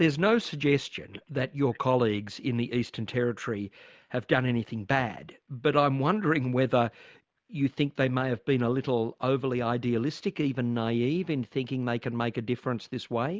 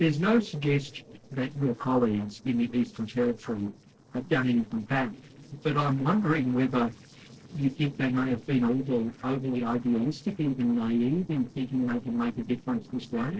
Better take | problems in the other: first | noise reduction (neural separator model SepFormer DNS4)

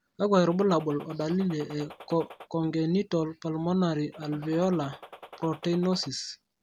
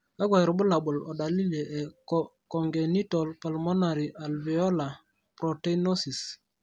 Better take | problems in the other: second | background sound (Gunshot, gunfire); 19 dB below the speech

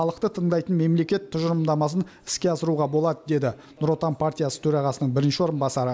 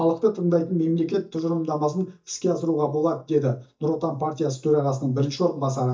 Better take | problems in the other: first | noise reduction (neural mask model DeepFilterNet 3)

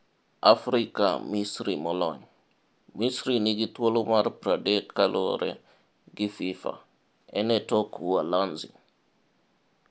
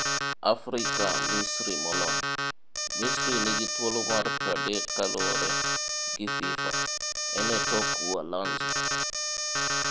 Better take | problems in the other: first | background sound (Alarm); 4 dB above the speech

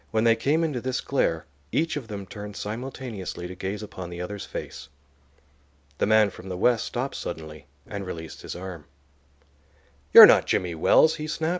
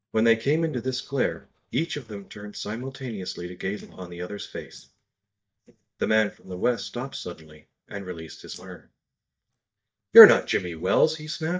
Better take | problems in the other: first | noise reduction (neural mask model DeepFilterNet 3)

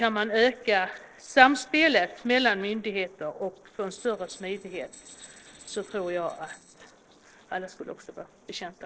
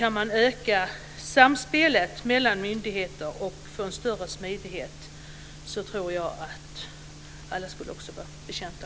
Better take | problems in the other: second | noise reduction (neural separator model SepFormer DNS4)

